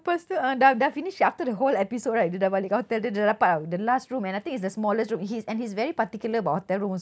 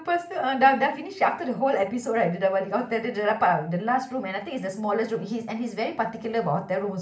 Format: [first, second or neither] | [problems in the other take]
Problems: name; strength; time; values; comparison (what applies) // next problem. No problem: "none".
first | room echo; dies away in 0.4 s